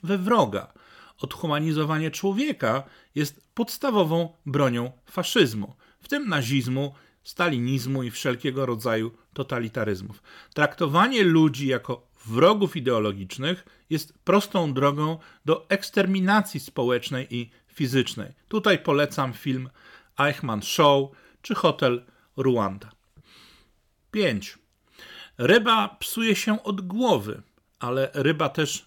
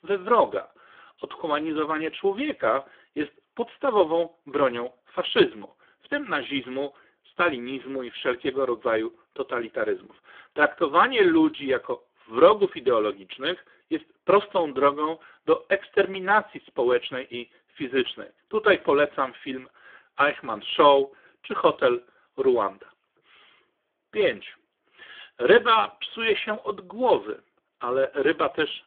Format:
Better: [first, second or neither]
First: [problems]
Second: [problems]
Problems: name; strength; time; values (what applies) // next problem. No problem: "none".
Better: first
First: none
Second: phone-call audio; poor line; nothing above 3.5 kHz